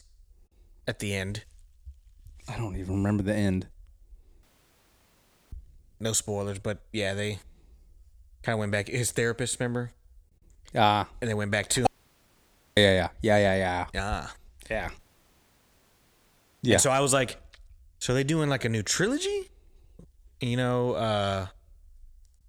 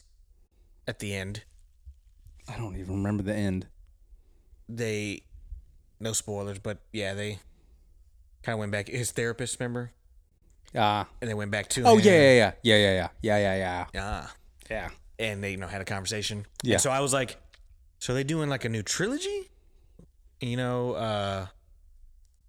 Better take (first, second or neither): second